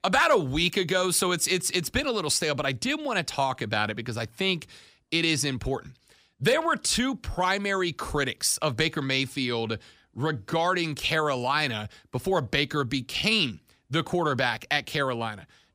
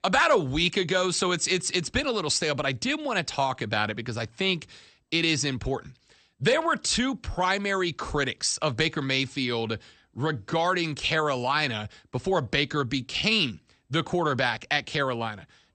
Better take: first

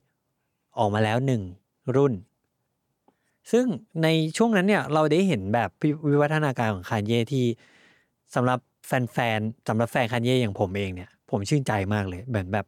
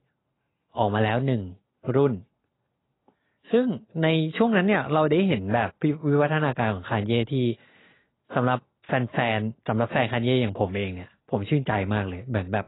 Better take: first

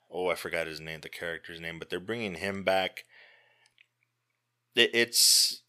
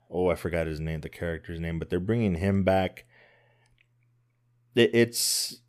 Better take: second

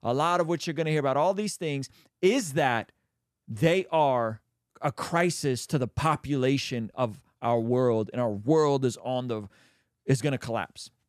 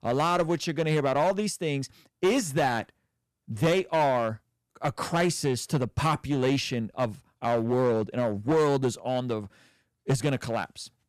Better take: first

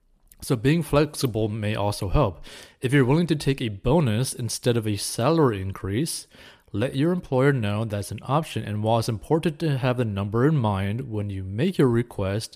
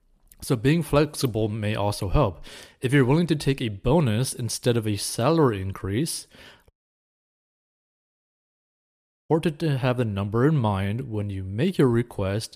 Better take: first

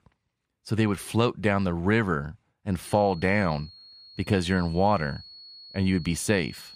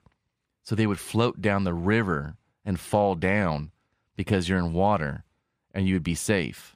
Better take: second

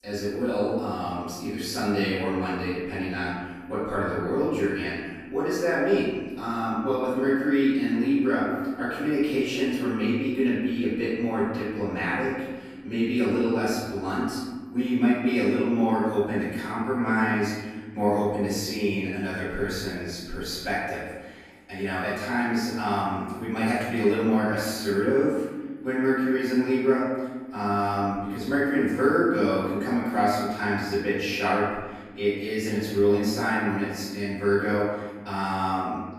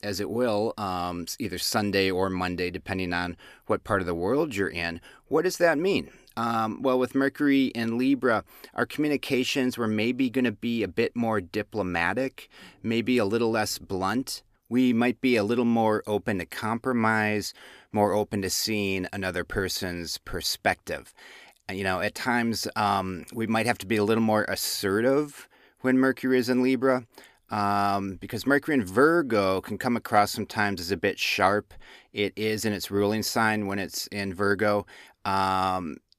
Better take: second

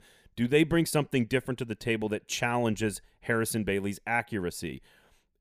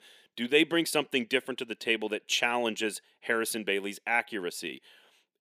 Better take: first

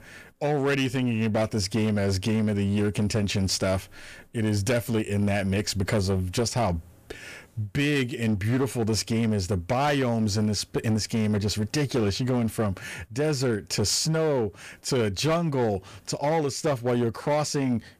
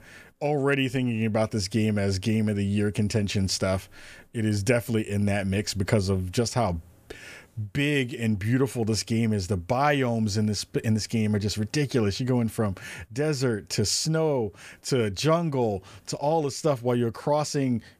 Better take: second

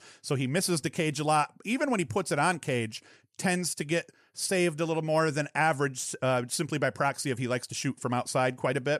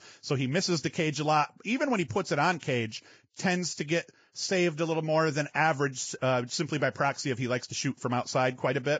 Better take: first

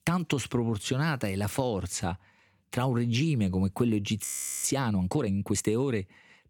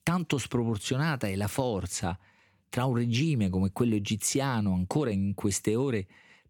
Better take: second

